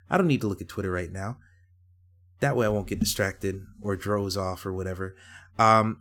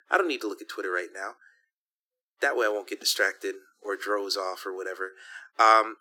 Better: first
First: none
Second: thin; very; fading below 300 Hz

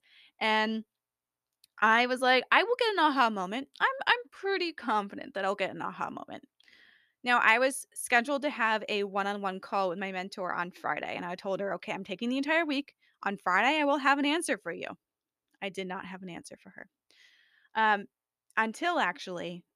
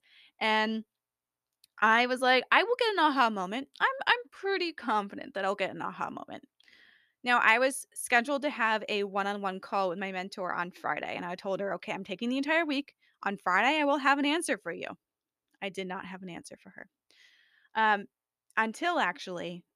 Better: neither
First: none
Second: none

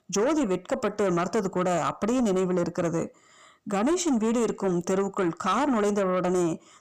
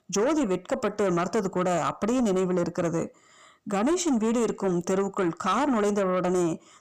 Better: neither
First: distortion; slight; 10 dB below the speech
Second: distortion; slight; 10 dB below the speech

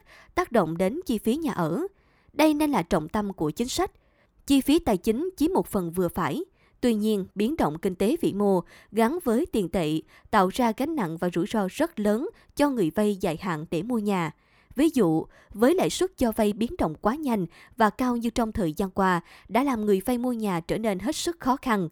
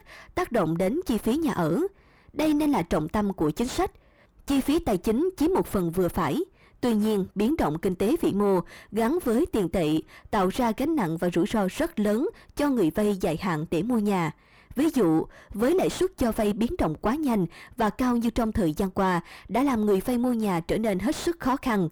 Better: first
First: none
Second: distortion; heavy; 6 dB below the speech

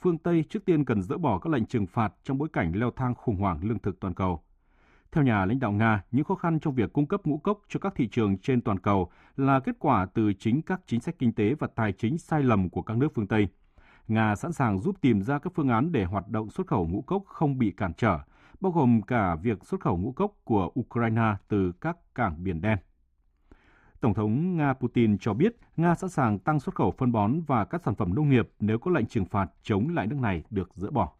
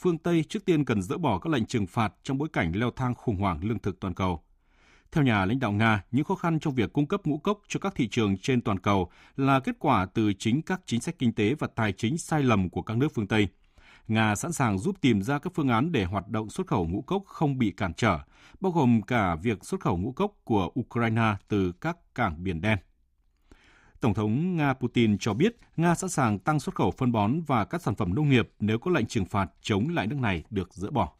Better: second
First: muffled; slightly; fading above 2.5 kHz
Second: none

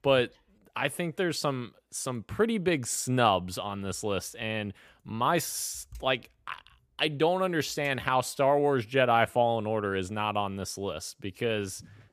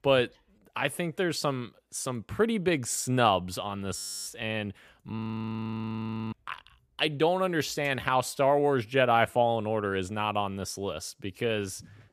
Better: first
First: none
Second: audio freezing; at 4 s and at 5 s for 1 s

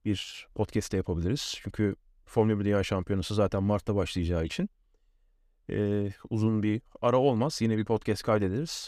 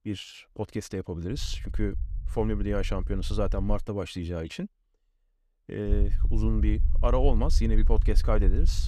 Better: first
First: none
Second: low rumble; noticeable; from 1.5 to 4 s and from 6 s on; 15 dB below the speech

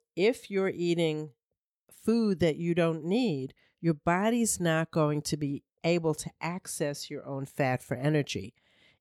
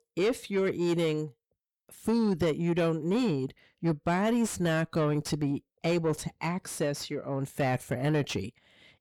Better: first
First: none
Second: distortion; slight; 10 dB below the speech

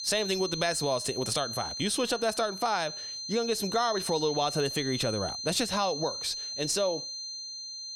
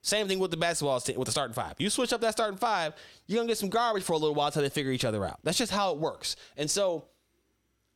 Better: second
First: high-pitched whine; loud; throughout; 4 kHz, 5 dB below the speech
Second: none

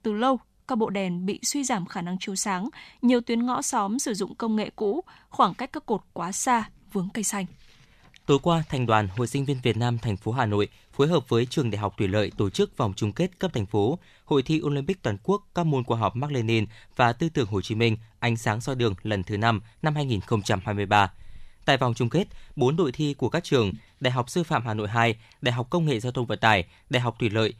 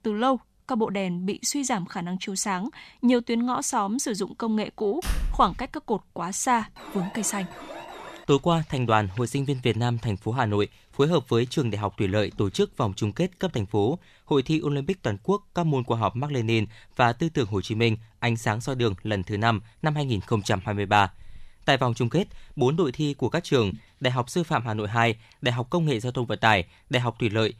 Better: first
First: none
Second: door banging; noticeable; at 5 s; peak 5 dB below the speech // alarm; faint; from 7 to 8.5 s; peak 15 dB below the speech

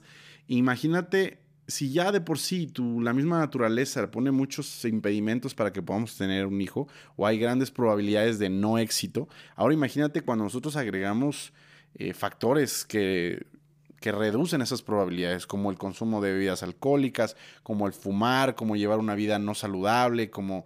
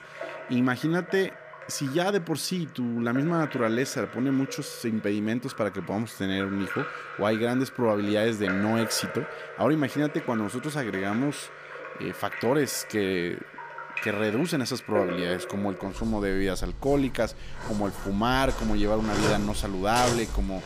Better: first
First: none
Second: rain or running water; loud; throughout; 9 dB below the speech

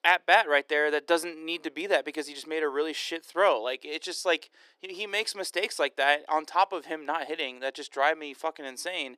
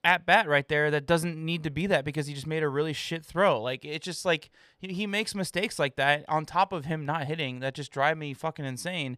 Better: second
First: thin; very; fading below 300 Hz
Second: none

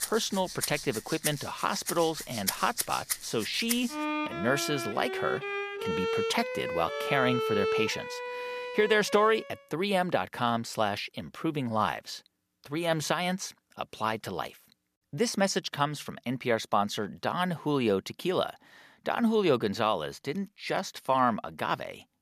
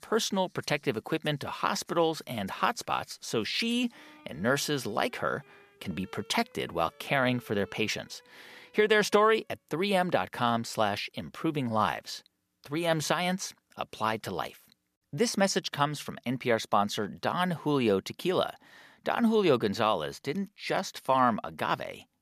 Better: second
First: background music; loud; until 9.5 s; 4 dB below the speech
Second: background music; faint; until 9.5 s; 30 dB below the speech

